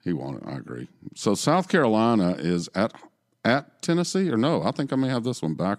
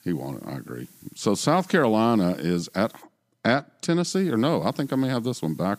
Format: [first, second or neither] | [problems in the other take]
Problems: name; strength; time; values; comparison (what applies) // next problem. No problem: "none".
first | hiss; faint; until 3 s and from 4 s on; 30 dB below the speech